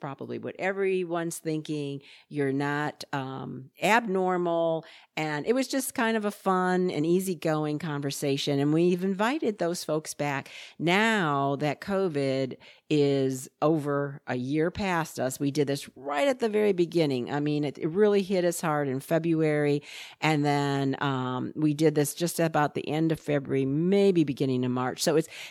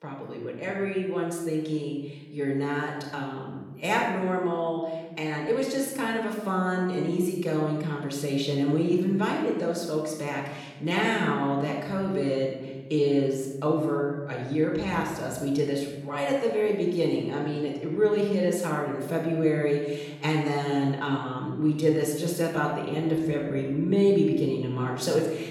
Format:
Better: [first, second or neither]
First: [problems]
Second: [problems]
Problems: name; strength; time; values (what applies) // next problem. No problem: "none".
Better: first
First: none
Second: off-mic speech; far // room echo; noticeable; dies away in 1.1 s